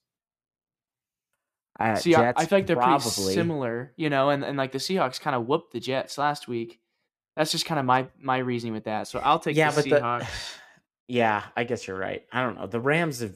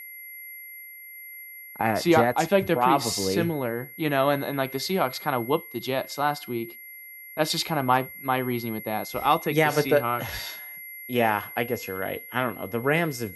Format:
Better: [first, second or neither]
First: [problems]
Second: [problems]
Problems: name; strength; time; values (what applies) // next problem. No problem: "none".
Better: first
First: none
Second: high-pitched whine; noticeable; throughout; 2 kHz, 15 dB below the speech